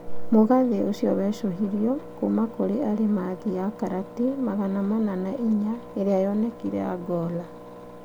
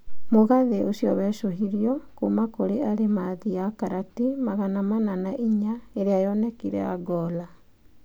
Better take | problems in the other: second | background sound (Engine); 17 dB below the speech

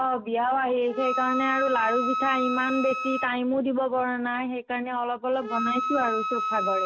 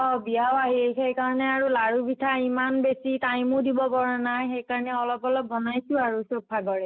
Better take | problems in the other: second | background sound (Wind instrument, woodwind instrument); 4 dB below the speech

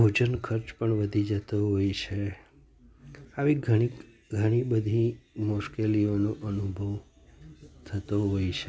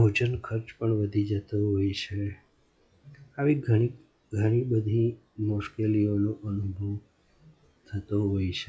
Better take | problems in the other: first | noise reduction (classical method log-MMSE)

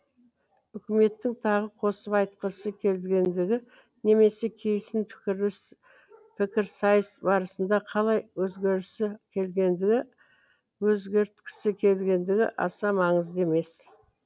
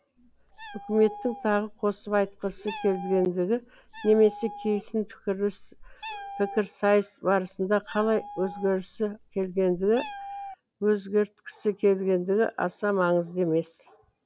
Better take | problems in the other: first | background sound (Meow); 15 dB below the speech

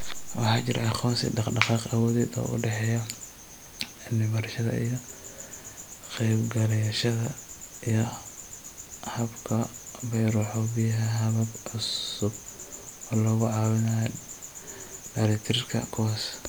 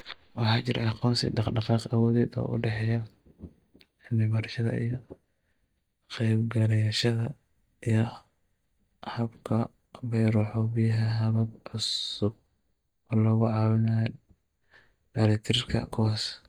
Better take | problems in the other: first | noise reduction (neural mask model DeepFilterNet 3)

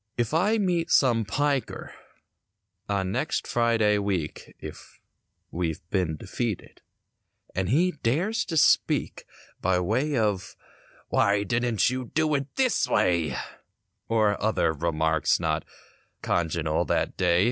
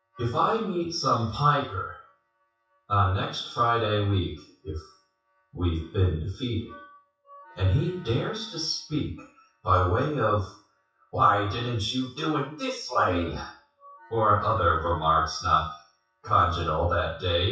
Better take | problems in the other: first | noise reduction (classical method WPE with log-MMSE)

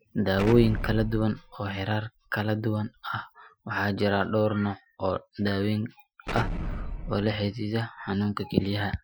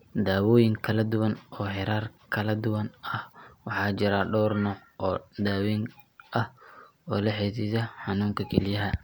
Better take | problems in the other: second | noise reduction (classical method Wiener filter)

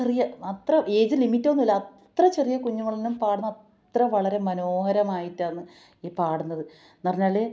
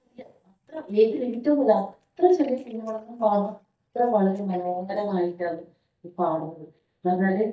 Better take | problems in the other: first | noise reduction (neural mask model DeepFilterNet 3)

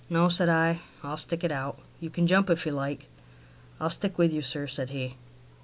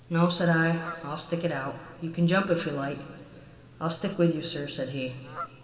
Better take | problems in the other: first | background sound (Fowl); 19 dB below the speech // room echo; dies away in 2.1 s

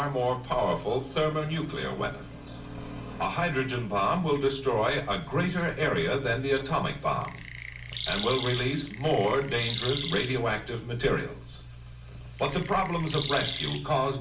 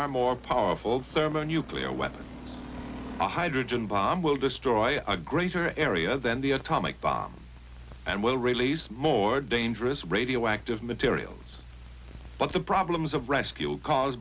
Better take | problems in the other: second | background sound (Chirp, tweet); 8 dB below the speech // room echo; dies away in 0.3 s

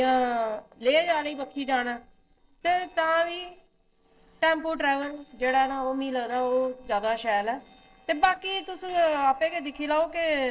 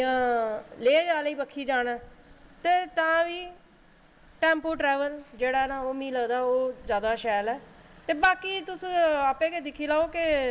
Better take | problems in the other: second | noise reduction (neural separator model SepFormer DNS4)

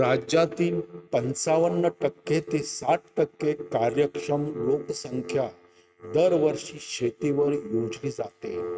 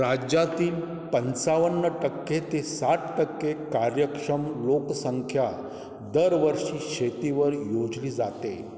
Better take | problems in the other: second | noise reduction (neural mask model RNNoise)

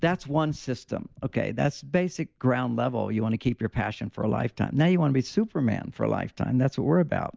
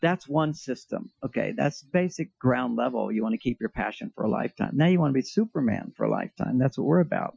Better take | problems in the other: first | noise reduction (classical method Wiener filter)

